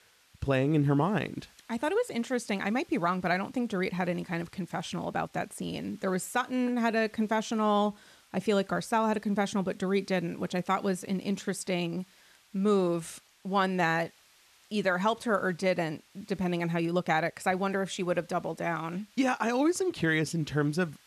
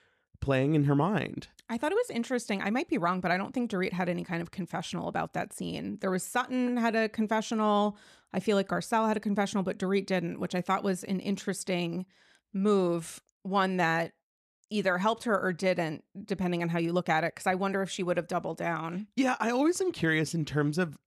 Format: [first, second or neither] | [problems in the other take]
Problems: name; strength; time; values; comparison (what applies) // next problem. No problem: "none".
second | hiss; faint; throughout; 30 dB below the speech